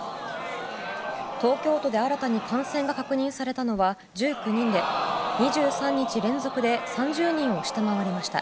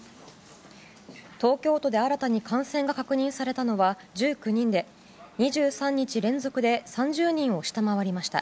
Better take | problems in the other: second | background sound (Crowd); 5 dB below the speech

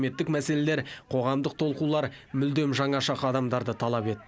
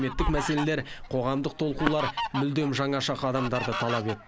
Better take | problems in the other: first | background sound (Fowl); 6 dB below the speech

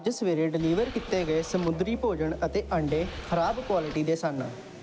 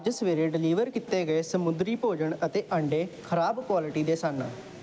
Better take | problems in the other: second | background sound (Musical instrument + Boat, Water vehicle); 12 dB below the speech

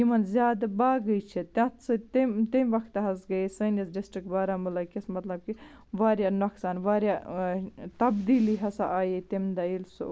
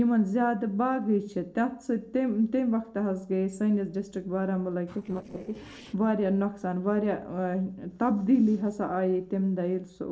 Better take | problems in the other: first | noise reduction (neural separator model SepFormer DNS4)

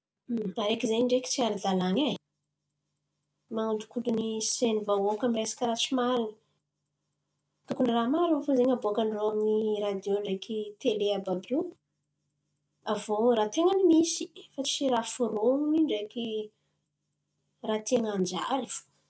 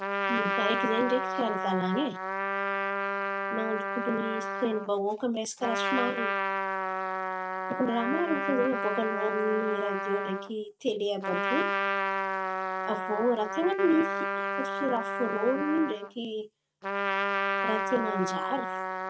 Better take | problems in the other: first | noise reduction (neural mask model RNNoise)

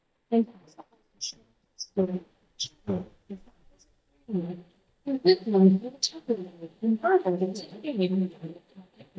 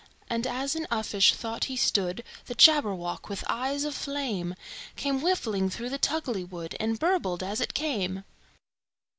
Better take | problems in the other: second | noise reduction (neural mask model DeepFilterNet 3)

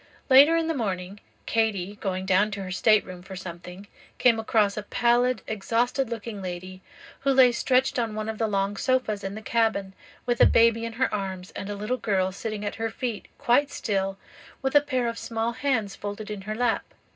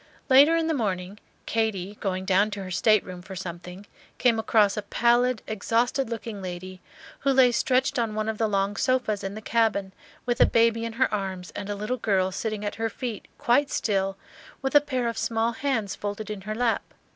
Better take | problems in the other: second | room echo; dies away in 0.2 s

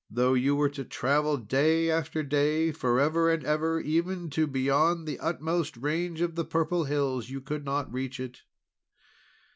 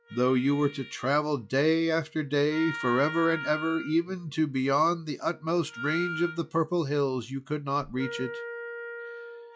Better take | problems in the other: first | noise reduction (classical method log-MMSE)

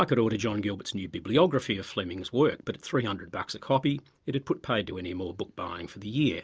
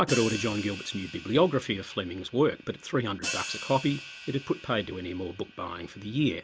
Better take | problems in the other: first | background sound (Hi-hat); 11 dB below the speech

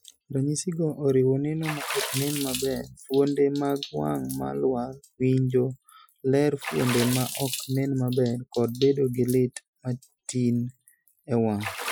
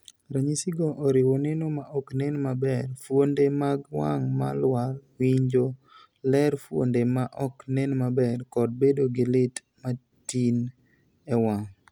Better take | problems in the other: second | noise reduction (classical method Wiener filter)

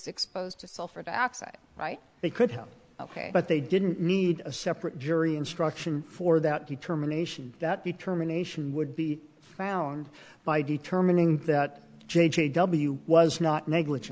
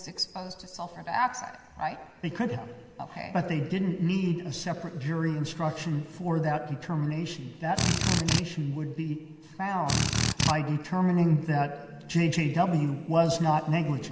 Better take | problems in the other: first | background sound (Drill); 2 dB above the speech // room echo; dies away in 2.2 s

